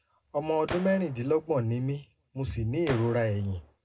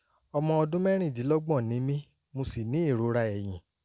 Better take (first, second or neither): second